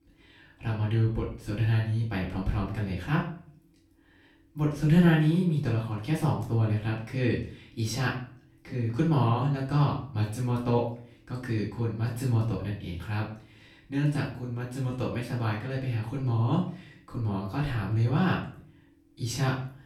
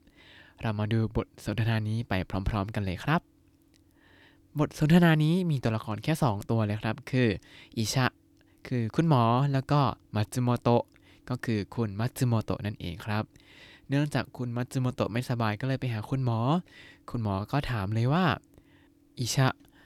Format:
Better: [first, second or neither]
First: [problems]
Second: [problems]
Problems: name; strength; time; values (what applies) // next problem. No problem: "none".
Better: second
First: off-mic speech; far // room echo; slight; dies away in 0.4 s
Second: none